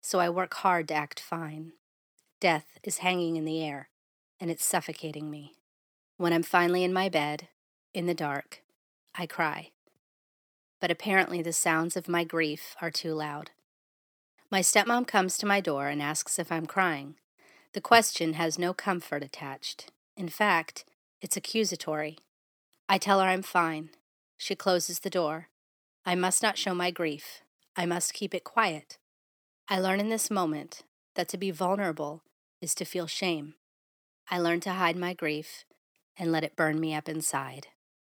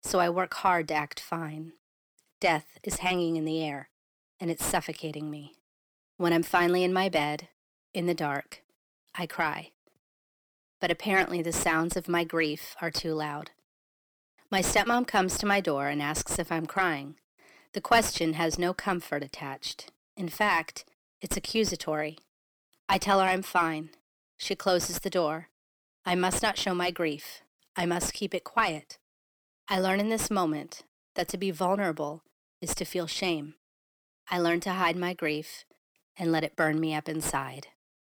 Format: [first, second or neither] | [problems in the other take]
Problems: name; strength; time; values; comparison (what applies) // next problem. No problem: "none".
first | distortion; slight; 9 dB below the speech